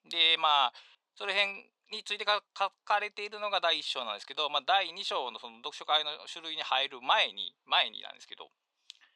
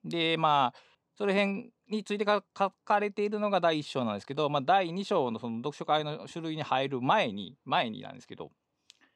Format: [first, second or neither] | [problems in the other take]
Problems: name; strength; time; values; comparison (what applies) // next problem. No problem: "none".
second | thin; very; fading below 850 Hz